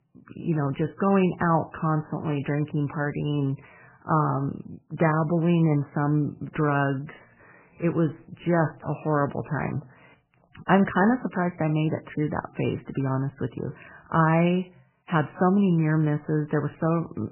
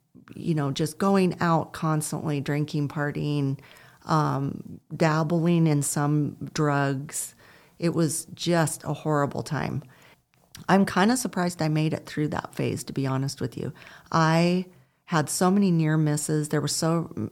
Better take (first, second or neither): second